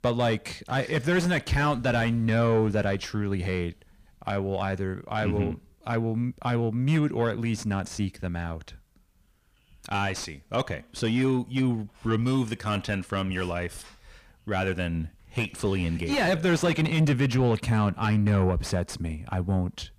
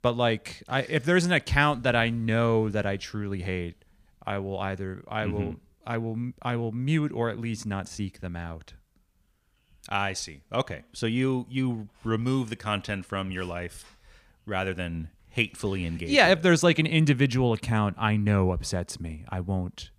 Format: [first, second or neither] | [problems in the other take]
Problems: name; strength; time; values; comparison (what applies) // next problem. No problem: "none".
second | distortion; heavy; 7 dB below the speech